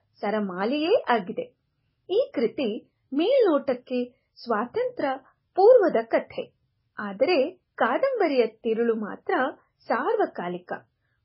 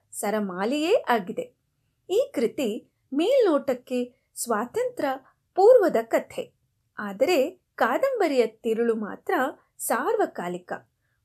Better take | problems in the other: second | garbled, watery; badly; nothing above 5 kHz

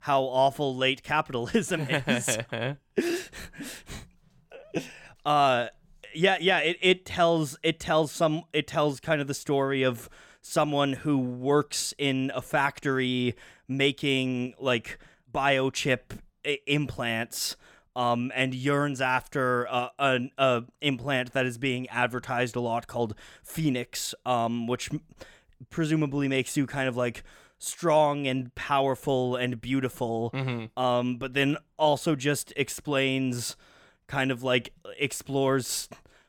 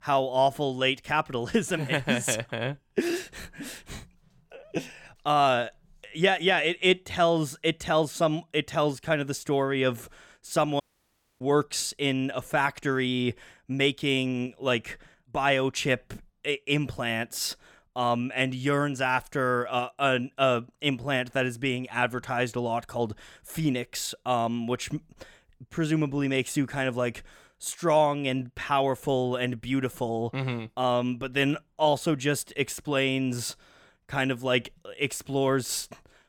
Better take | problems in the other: first | audio cutting out; at 11 s for 0.5 s

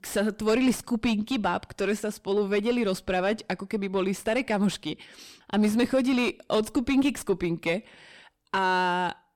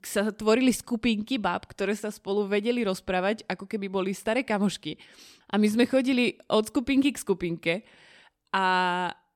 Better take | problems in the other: second | distortion; slight; 10 dB below the speech

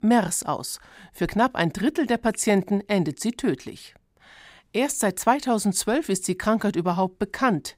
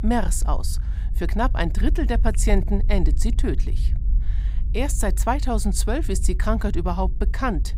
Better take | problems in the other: first | low rumble; noticeable; throughout; 20 dB below the speech

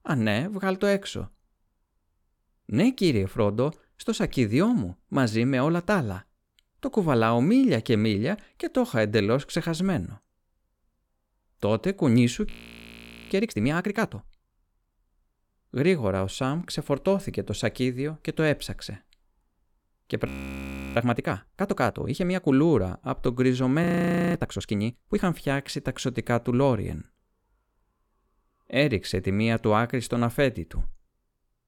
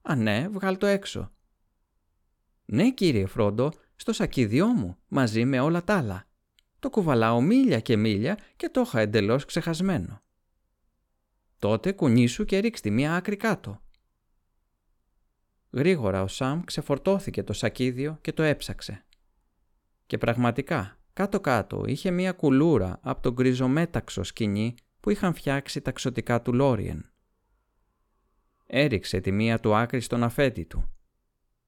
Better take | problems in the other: second | audio freezing; at 12 s for 1 s, at 20 s for 0.5 s and at 24 s for 0.5 s

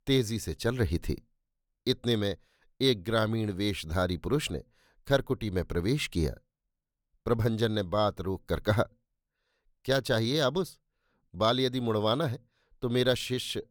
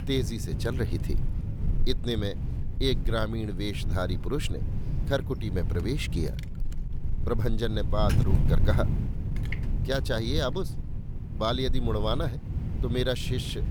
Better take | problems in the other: first | wind noise on the microphone; occasional gusts; 10 dB below the speech

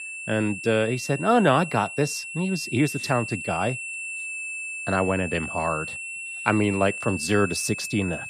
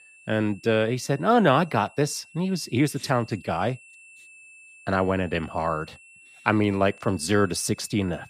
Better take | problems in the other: second | high-pitched whine; loud; throughout; 2.5 kHz, 7 dB below the speech; faint in the second

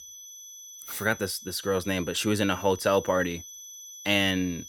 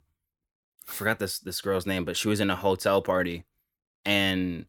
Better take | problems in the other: second | high-pitched whine; noticeable; throughout; 6 kHz, 15 dB below the speech

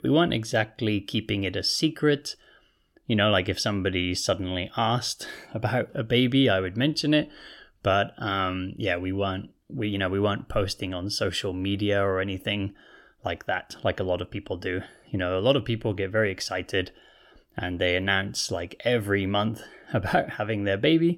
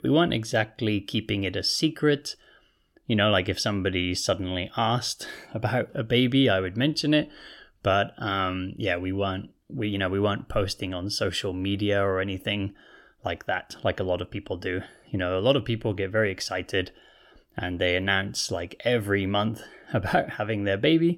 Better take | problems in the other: neither | none

